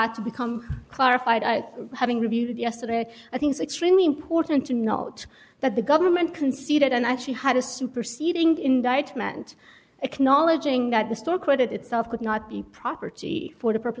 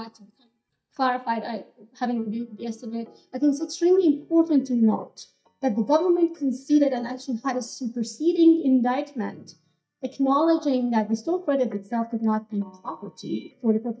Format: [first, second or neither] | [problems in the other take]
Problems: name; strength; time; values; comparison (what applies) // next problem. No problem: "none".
first | noise reduction (neural mask model DeepFilterNet 3)